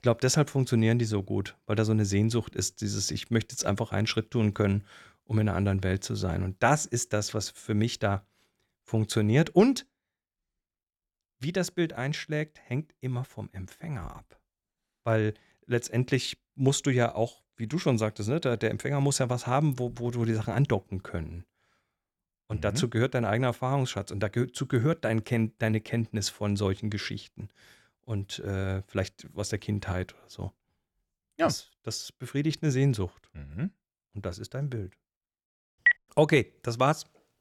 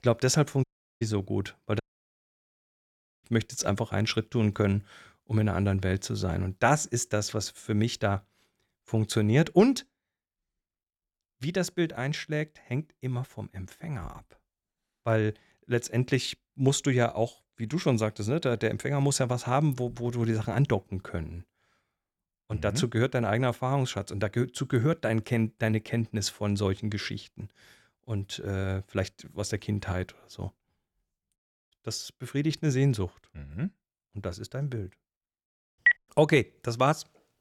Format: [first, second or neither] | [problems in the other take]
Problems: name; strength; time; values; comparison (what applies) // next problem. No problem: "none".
first | audio cutting out; at 0.5 s, at 2 s for 1.5 s and at 31 s